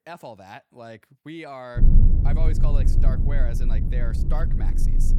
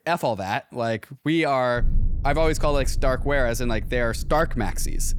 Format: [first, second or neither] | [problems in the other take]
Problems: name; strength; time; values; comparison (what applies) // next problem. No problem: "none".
second | low rumble; loud; from 2 s on; 2 dB below the speech; faint in the second